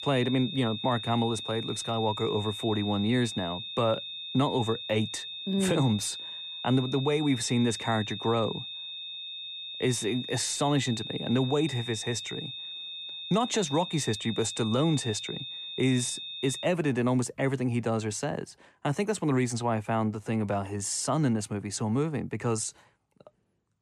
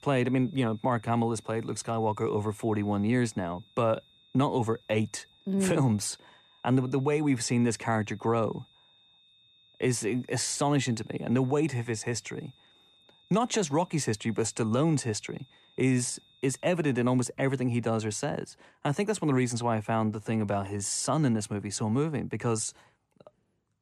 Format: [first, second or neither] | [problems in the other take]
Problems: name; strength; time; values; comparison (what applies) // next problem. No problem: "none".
second | high-pitched whine; loud; until 17 s; 3.5 kHz, 7 dB below the speech; faint in the second